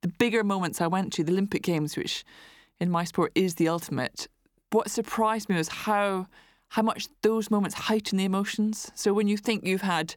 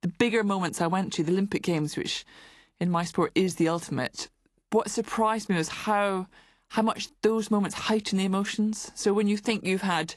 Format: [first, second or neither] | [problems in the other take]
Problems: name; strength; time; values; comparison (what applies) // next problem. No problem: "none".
first | garbled, watery; slightly; nothing above 11.5 kHz